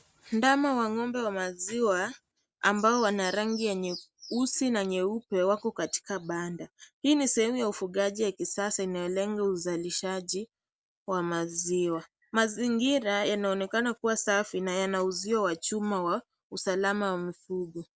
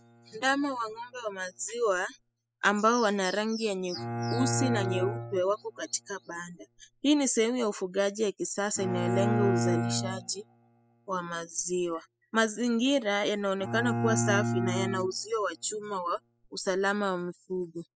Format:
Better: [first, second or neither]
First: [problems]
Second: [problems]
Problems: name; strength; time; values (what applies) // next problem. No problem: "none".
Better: first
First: none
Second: noise reduction (classical method spectral subtraction)